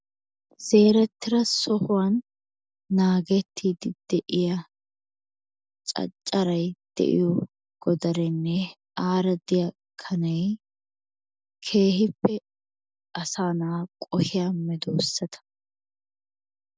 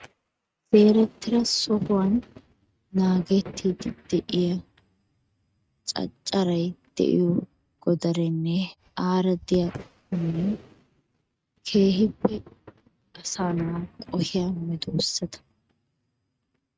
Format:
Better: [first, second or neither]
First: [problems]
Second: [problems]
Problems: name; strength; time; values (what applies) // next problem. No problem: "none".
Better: first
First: none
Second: noise reduction (neural mask model RNNoise)